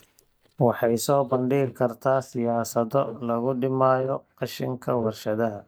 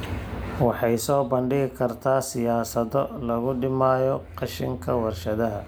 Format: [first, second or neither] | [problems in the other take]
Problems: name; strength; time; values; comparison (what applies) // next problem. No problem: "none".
second | noise reduction (neural mask model DeepFilterNet 3)